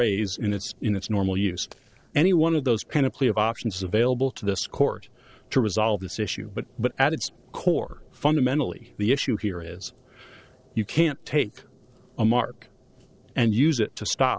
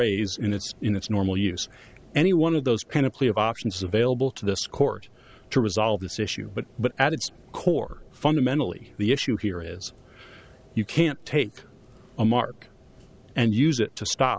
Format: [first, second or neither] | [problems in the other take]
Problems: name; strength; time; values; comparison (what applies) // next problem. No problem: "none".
second | noise reduction (neural separator model SepFormer DNS4)